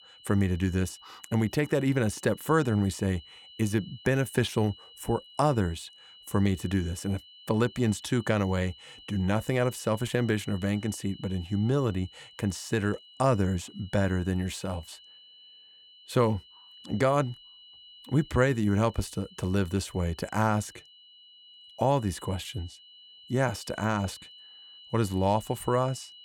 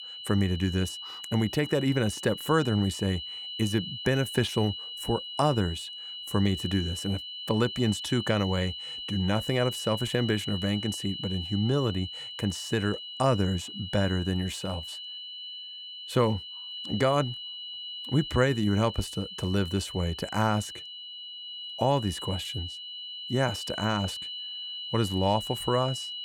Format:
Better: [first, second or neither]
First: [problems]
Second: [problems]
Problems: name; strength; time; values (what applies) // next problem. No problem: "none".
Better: first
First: high-pitched whine; faint; throughout; 3 kHz, 20 dB below the speech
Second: high-pitched whine; loud; throughout; 3 kHz, 8 dB below the speech